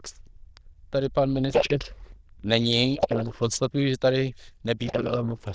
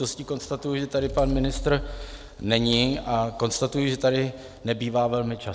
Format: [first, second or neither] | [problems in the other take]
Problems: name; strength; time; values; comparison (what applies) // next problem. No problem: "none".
second | noise reduction (neural diffusion model UNIVERSE++)